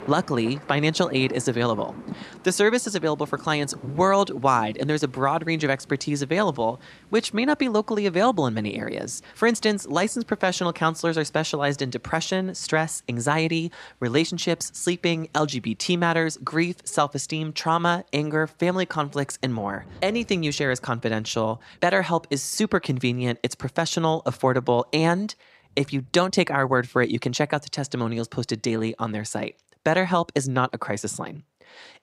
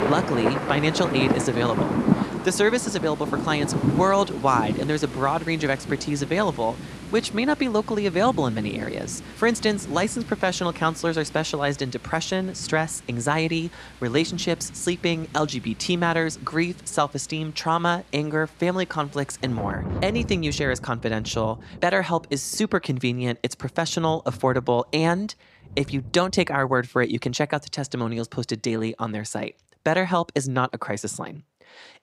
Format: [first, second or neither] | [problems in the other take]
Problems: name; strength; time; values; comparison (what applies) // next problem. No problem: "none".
first | rain or running water; loud; throughout; 7 dB below the speech; faint in the first